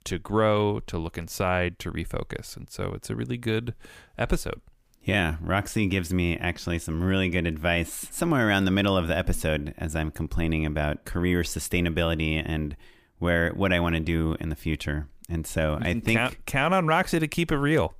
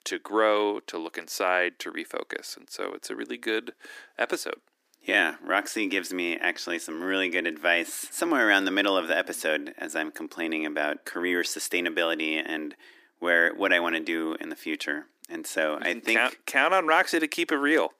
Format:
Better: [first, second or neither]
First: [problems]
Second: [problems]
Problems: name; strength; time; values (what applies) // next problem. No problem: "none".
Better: first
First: none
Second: thin; somewhat; fading below 300 Hz